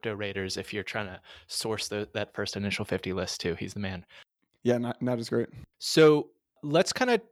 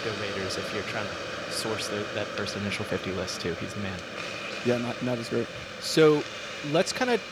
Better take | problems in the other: first | hiss; loud; throughout; 6 dB below the speech

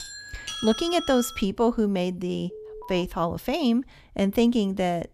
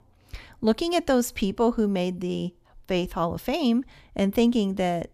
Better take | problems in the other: second | doorbell; noticeable; until 1.5 s; peak 7 dB below the speech // alarm; faint; at 2.5 s; peak 15 dB below the speech

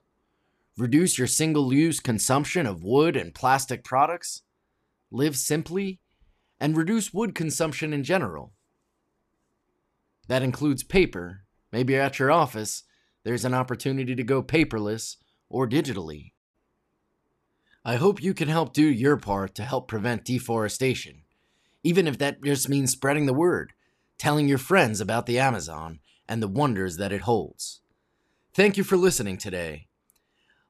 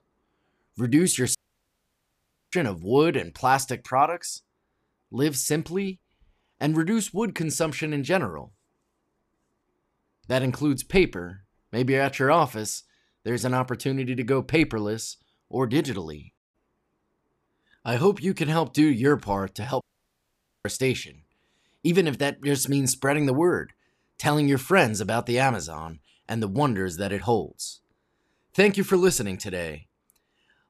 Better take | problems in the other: first | audio cutting out; at 1.5 s for 1 s and at 20 s for 1 s

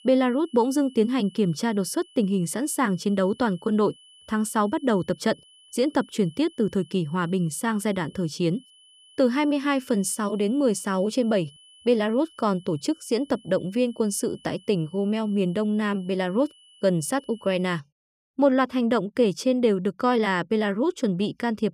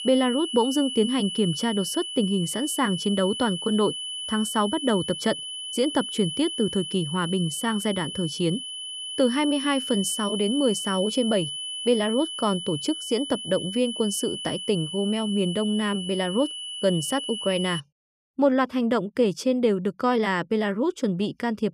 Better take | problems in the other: first | high-pitched whine; loud; until 18 s; 3 kHz, 6 dB below the speech; faint in the first

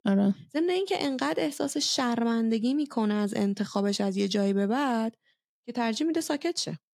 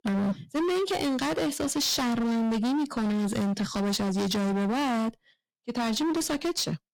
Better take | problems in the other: first | distortion; heavy; 37% of the sound clipped

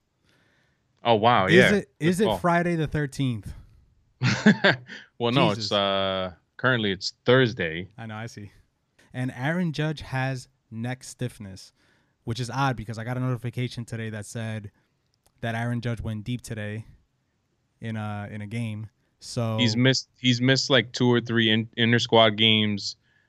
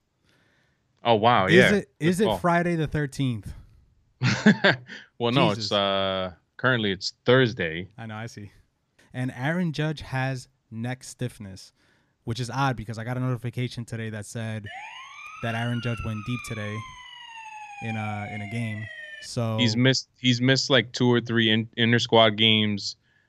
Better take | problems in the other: first | siren; faint; from 15 to 19 s; peak 10 dB below the speech

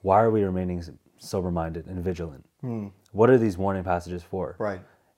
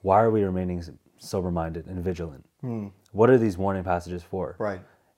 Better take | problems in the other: neither | none

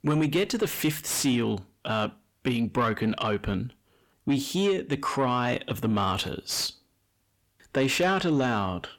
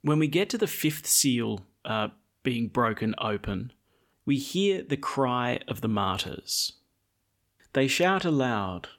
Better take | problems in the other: second | distortion; slight; 10 dB below the speech

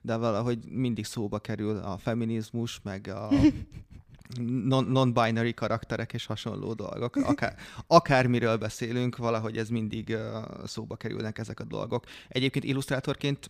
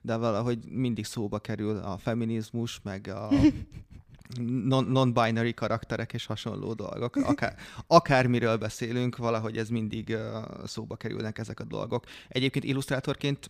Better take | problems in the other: neither | none

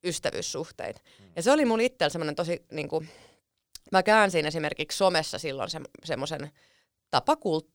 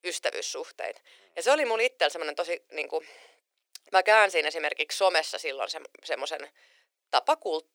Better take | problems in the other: first | thin; very; fading below 400 Hz

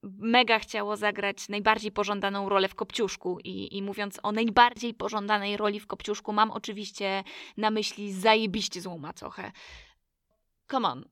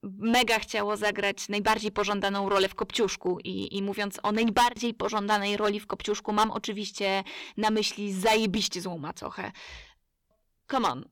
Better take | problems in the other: first | distortion; heavy; 5% of the sound clipped

